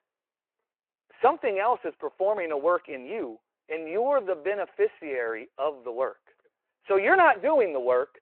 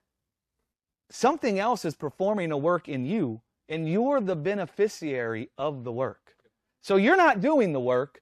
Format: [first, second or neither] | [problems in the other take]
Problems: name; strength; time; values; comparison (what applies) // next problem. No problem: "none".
second | phone-call audio